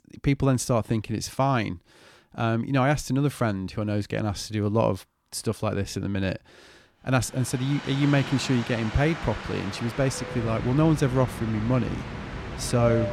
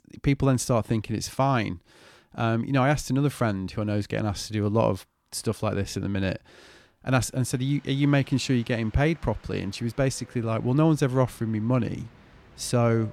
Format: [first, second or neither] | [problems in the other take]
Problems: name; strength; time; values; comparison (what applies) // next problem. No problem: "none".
second | train or aircraft noise; loud; from 7.5 s on; 9 dB below the speech; faint in the second